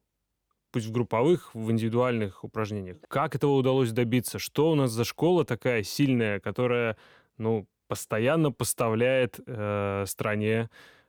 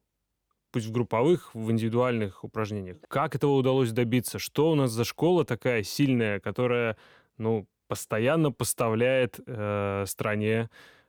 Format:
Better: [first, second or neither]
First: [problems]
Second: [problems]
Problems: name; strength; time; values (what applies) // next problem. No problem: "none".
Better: neither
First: none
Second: none